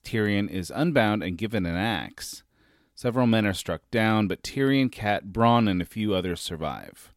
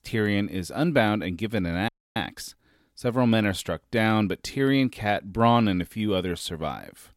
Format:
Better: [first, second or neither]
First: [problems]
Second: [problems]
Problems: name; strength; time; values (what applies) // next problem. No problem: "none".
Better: first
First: none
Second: audio freezing; at 2 s